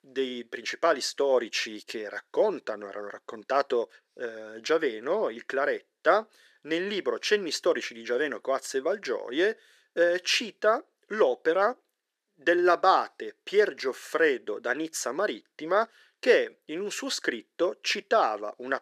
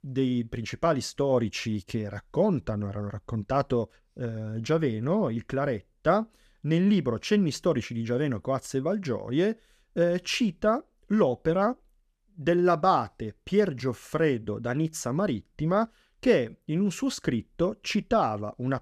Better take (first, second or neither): second